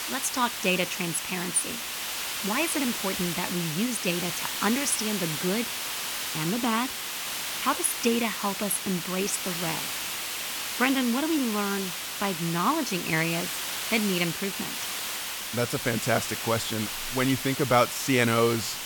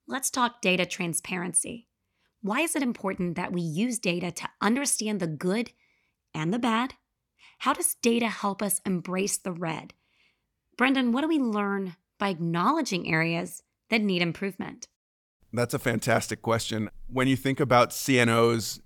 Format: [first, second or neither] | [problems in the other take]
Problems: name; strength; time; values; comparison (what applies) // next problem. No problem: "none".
second | hiss; loud; throughout; 3 dB below the speech